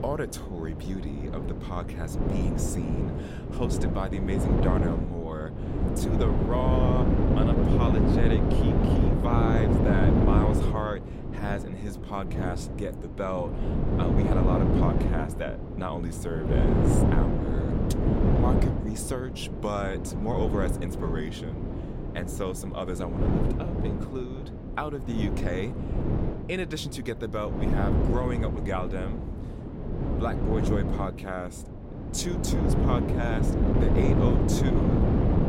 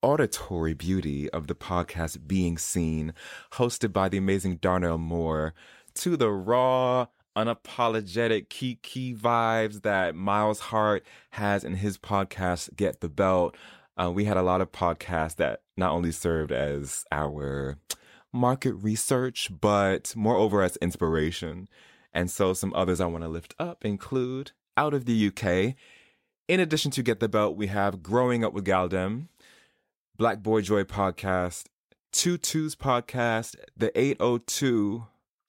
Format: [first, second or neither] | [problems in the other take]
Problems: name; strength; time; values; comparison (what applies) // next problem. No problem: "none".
second | wind noise on the microphone; heavy; 1 dB above the speech